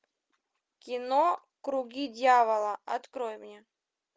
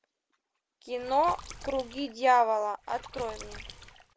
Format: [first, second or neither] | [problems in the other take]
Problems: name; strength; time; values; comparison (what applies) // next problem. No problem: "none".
first | background sound (Water / Splash, splatter); 15 dB below the speech